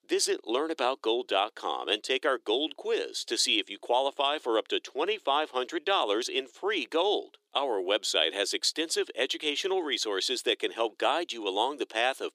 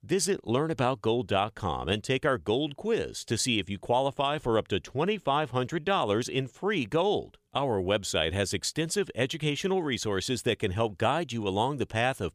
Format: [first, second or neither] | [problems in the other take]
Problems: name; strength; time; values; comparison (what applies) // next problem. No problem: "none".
second | thin; somewhat; fading below 300 Hz